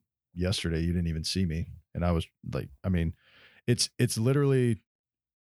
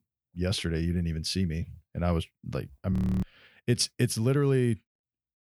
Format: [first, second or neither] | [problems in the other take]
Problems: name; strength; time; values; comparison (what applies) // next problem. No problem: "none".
first | audio freezing; at 3 s